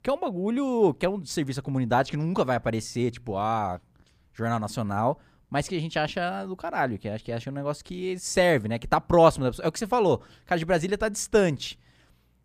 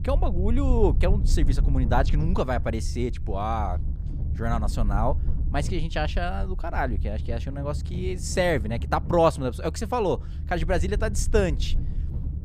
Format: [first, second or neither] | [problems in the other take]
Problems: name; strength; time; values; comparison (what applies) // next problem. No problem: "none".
first | low rumble; noticeable; throughout; 15 dB below the speech